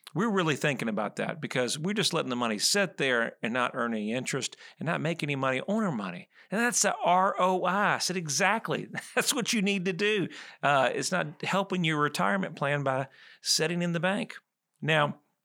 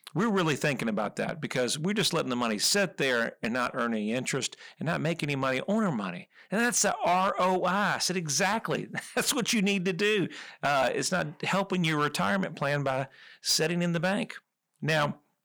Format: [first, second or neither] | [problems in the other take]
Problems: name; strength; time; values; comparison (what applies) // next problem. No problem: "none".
first | distortion; slight; 4% of the sound clipped